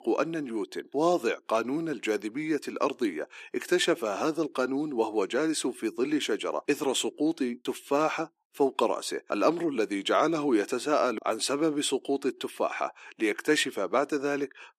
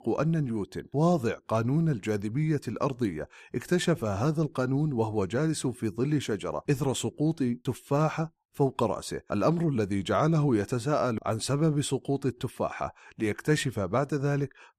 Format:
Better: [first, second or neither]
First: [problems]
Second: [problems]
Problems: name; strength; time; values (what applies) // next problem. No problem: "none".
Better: second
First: thin; somewhat; fading below 300 Hz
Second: none